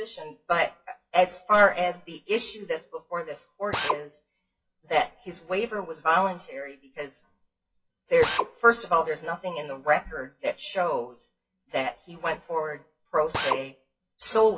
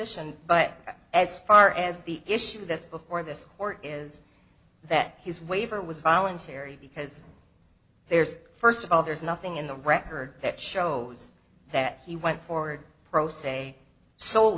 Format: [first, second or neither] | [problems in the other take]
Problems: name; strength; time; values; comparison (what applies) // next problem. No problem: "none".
second | noise reduction (classical method WPE with log-MMSE)